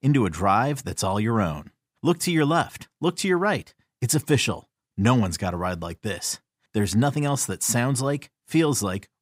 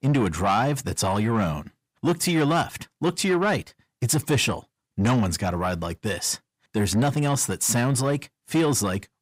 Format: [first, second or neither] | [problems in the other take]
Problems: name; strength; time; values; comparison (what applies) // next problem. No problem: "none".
first | distortion; slight; 10 dB below the speech